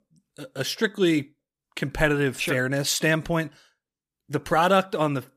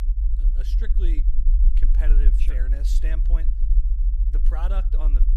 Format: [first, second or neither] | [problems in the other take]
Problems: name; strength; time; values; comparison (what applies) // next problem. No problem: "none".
first | low rumble; loud; throughout; 6 dB below the speech